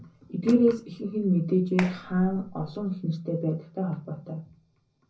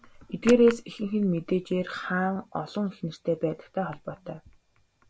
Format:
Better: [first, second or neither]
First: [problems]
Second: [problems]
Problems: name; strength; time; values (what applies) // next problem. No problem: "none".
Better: second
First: background sound (Clapping); 13 dB below the speech // room echo; dies away in 0.4 s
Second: none